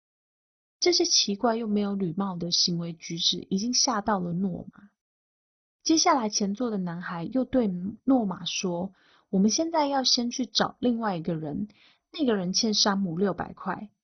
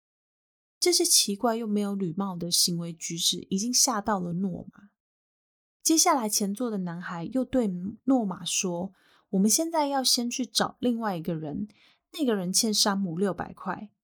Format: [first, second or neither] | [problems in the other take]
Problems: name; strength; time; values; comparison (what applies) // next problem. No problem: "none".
second | garbled, watery; badly; nothing above 6 kHz